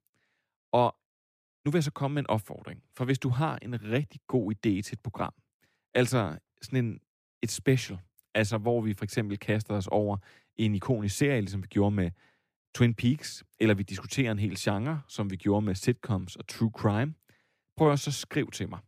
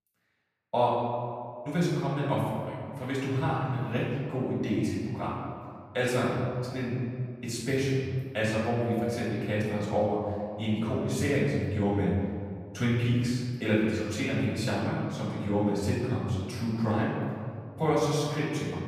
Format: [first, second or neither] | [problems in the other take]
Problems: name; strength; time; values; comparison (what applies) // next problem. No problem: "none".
first | room echo; noticeable; dies away in 1.8 s // off-mic speech; far